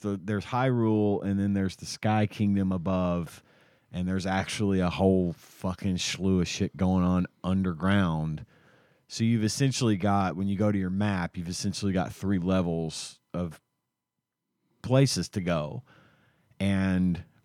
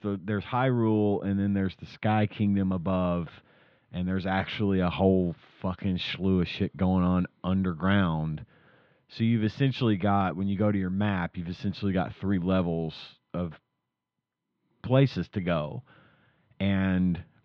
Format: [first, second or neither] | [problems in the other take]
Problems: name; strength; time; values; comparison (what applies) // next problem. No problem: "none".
first | muffled; slightly; fading above 3.5 kHz